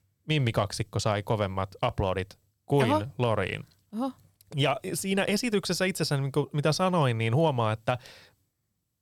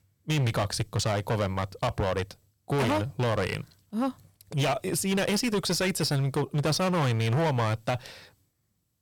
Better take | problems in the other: first | distortion; heavy; 17% of the sound clipped

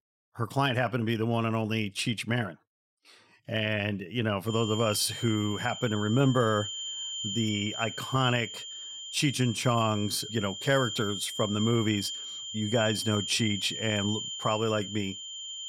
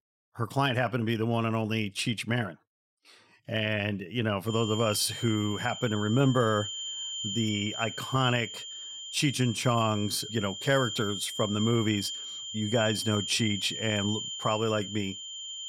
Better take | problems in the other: neither | high-pitched whine; loud; from 4.5 s on; 3 kHz, 6 dB below the speech; the same in both

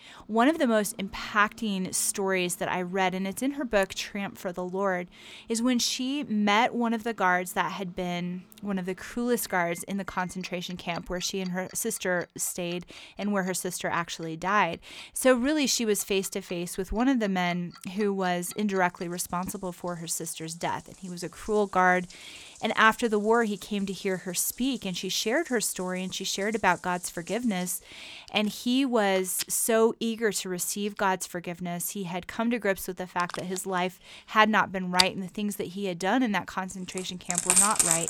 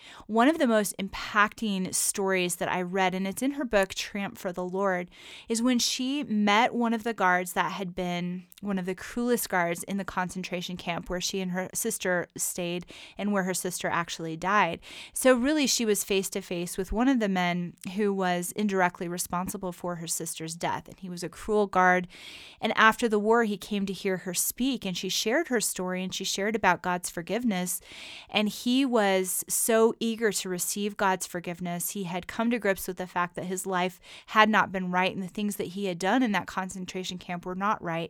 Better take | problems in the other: second | household noises; very loud; throughout; as loud as the speech

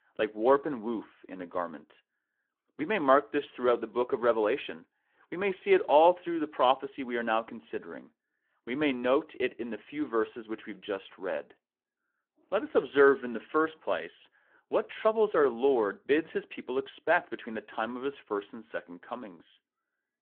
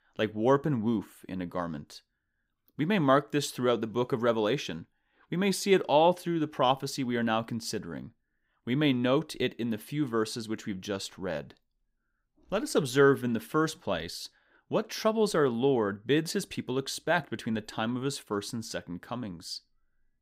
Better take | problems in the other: second | phone-call audio

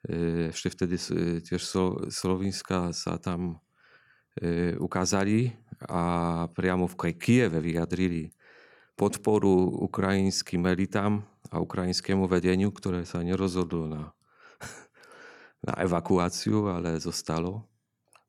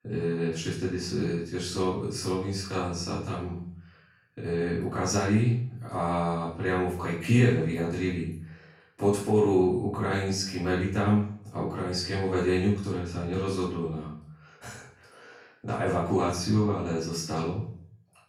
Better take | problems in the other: first | off-mic speech; far // room echo; noticeable; dies away in 0.5 s

